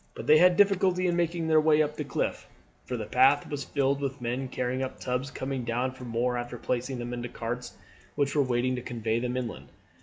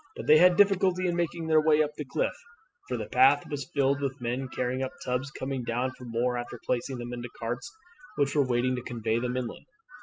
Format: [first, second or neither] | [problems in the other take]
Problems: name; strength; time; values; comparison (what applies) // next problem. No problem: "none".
first | noise reduction (classical method spectral subtraction)